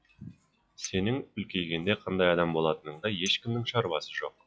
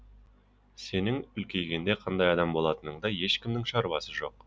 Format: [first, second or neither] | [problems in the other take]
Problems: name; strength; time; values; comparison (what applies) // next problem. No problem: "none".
second | noise reduction (classical method log-MMSE)